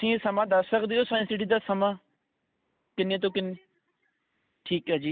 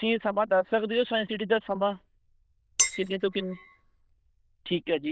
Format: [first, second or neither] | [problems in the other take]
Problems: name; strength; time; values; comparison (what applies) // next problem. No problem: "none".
first | noise reduction (neural diffusion model UNIVERSE++)